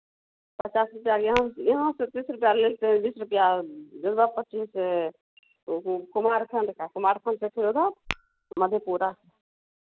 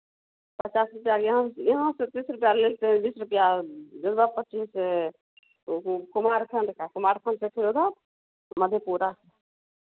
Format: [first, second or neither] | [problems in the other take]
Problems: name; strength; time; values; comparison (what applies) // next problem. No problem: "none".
second | background sound (Tap / Glass); 15 dB below the speech